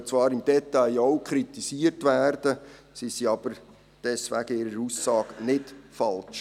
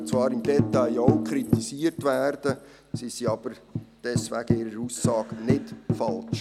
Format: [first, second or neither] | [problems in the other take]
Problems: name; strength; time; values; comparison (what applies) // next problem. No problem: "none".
first | background sound (Tambourine); 1 dB below the speech